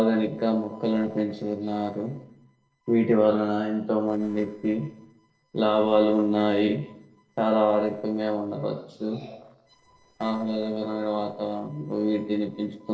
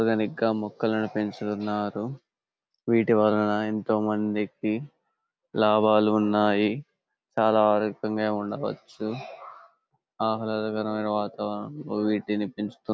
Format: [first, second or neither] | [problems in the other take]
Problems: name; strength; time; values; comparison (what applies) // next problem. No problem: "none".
second | noise reduction (neural separator model SepFormer DNS4)